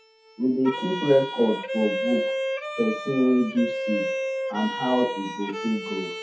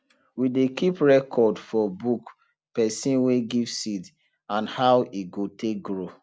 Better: second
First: noise reduction (classical method WPE with log-MMSE)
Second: none

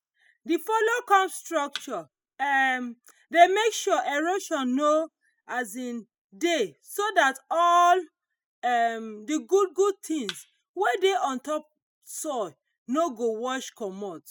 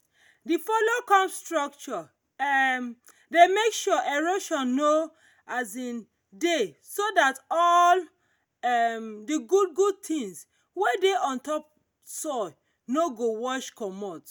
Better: second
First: noise reduction (classical method spectral subtraction)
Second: none

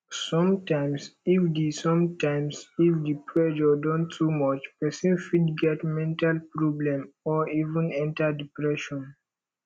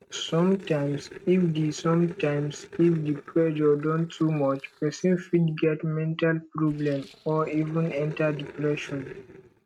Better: first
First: none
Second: noise reduction (neural mask model RNNoise)

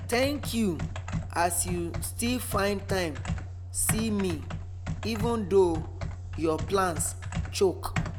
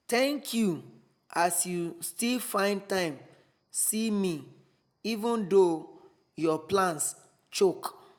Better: second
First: background sound (Computer keyboard); 5 dB below the speech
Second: none

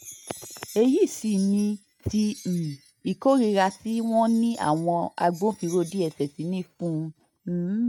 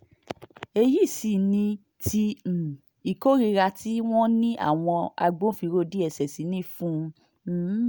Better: second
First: noise reduction (neural mask model RNNoise)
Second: none

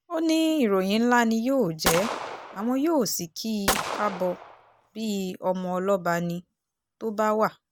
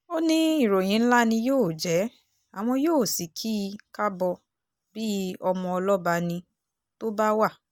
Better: second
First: background sound (Gunshot, gunfire); 6 dB below the speech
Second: none

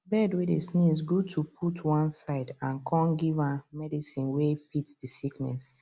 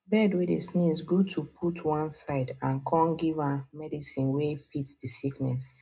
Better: first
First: none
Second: room echo; dies away in 0.2 s

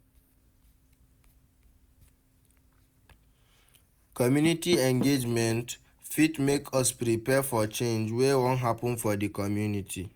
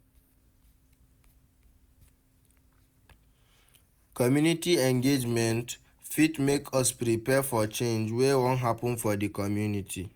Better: second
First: background sound (Door); 18 dB below the speech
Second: none

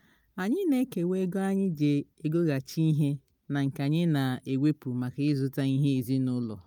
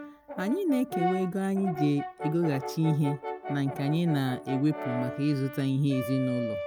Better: first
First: none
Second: background sound (Brass instrument); 8 dB below the speech

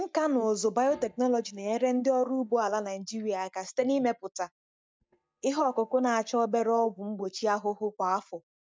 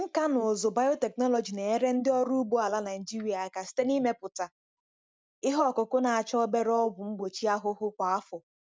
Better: second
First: noise reduction (neural mask model DeepFilterNet 3)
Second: none

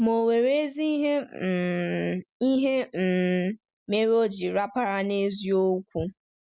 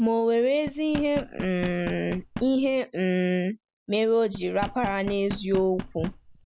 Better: first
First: none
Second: background sound (Knock); 12 dB below the speech

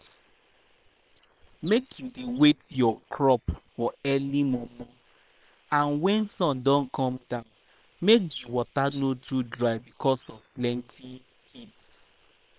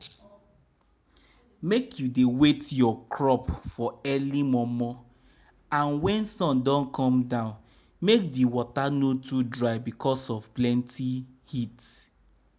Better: second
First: noise reduction (neural separator model SepFormer WHAM!)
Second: none

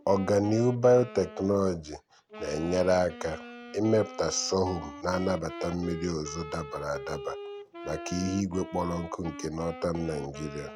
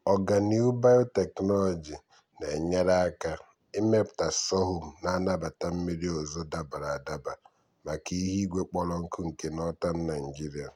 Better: second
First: background sound (Wind instrument, woodwind instrument); 14 dB below the speech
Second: none

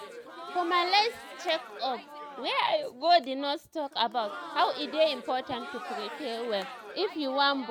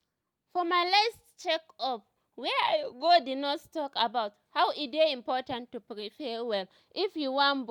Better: second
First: background sound (Crowd); 12 dB below the speech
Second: none

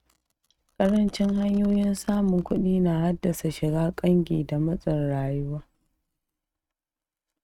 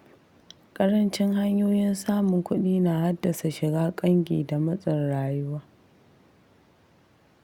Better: second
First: noise reduction (neural mask model RNNoise)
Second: none

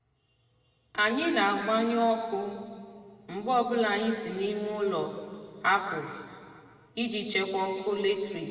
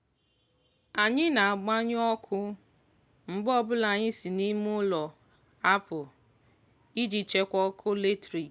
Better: second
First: room echo; dies away in 2 s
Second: none

